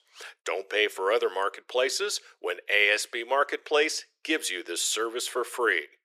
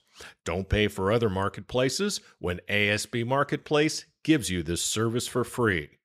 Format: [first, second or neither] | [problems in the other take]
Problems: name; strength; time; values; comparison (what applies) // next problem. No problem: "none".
second | thin; very; fading below 400 Hz